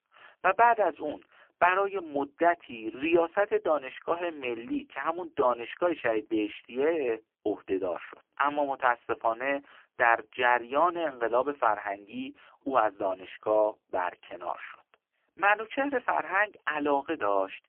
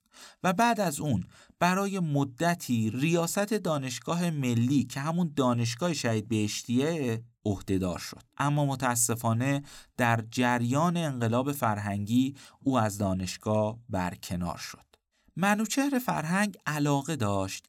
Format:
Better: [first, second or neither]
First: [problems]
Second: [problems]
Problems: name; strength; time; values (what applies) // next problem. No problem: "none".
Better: second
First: phone-call audio; poor line; nothing above 3 kHz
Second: none